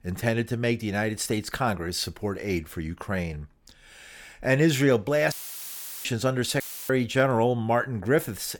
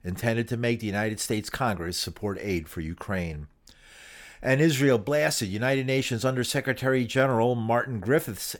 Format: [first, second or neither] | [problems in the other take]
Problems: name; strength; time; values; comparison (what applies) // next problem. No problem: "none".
second | audio cutting out; filled with static; at 5.5 s for 0.5 s and at 6.5 s